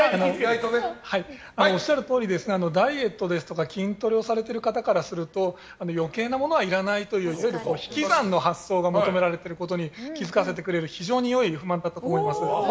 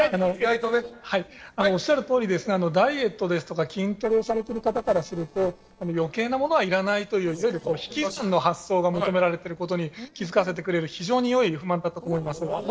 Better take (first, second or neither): first